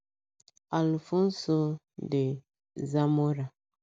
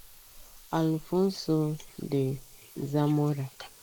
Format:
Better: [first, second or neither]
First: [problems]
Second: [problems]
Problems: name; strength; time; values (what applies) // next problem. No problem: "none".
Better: first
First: none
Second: noise reduction (neural mask model Resemble Enhance denoiser)